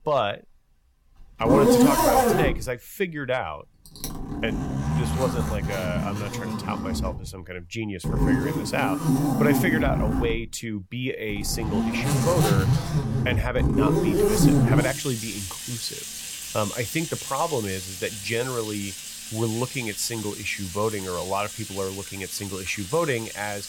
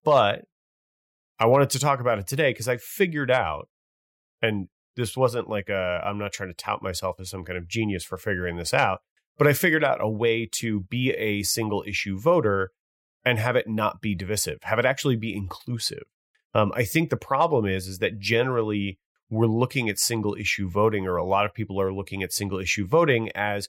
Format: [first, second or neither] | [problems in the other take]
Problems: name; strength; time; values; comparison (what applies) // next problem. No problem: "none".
second | household noises; very loud; throughout; 3 dB above the speech